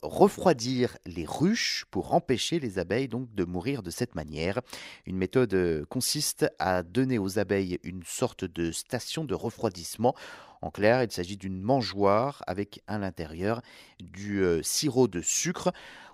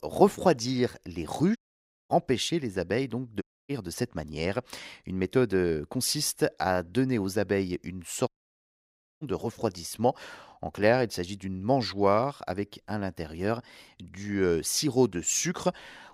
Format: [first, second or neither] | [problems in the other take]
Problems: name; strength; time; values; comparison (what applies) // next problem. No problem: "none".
first | audio cutting out; at 1.5 s for 0.5 s, at 3.5 s and at 8.5 s for 1 s